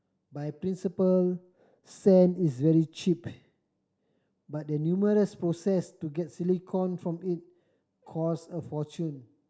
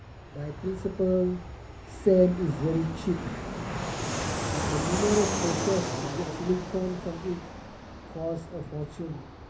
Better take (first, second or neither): first